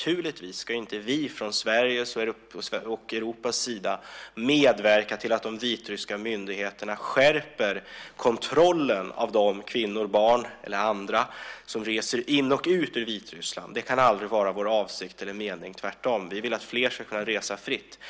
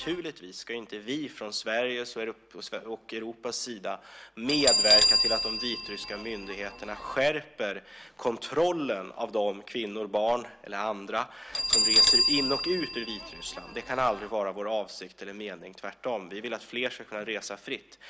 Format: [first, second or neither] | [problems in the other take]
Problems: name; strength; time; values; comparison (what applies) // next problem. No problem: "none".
first | background sound (Bell); as loud as the speech